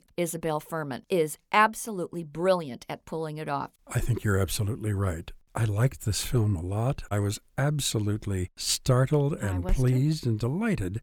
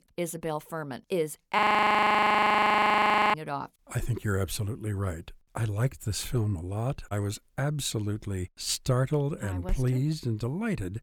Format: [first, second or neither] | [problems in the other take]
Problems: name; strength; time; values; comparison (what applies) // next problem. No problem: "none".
first | audio freezing; at 1.5 s for 1.5 s